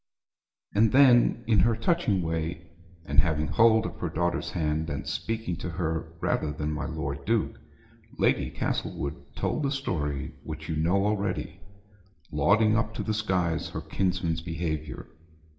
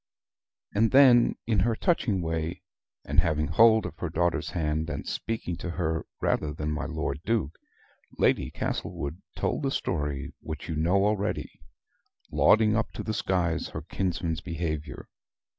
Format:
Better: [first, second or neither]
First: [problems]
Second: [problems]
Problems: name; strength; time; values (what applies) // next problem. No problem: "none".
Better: second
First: room echo; dies away in 0.9 s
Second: none